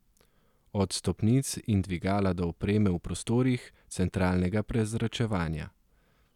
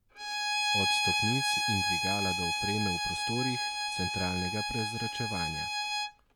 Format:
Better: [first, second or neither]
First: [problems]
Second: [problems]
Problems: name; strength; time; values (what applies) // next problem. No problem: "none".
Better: first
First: none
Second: background sound (Bowed string instrument); 5 dB above the speech